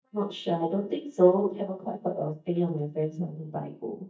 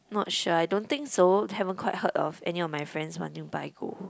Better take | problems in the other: second | noise reduction (neural mask model DeepFilterNet 3)

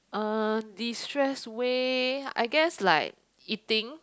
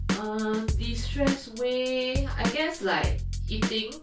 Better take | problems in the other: first | background sound (Drum / Drum kit); as loud as the speech // room echo; dies away in 0.2 s

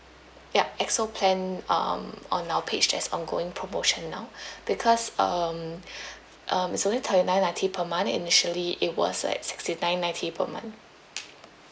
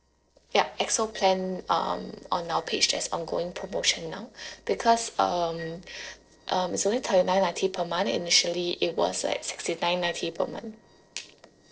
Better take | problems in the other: first | noise reduction (neural separator model SepFormer DNS4)

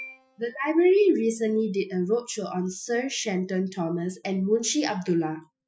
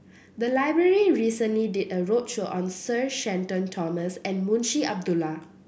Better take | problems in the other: second | noise reduction (classical method Wiener filter)

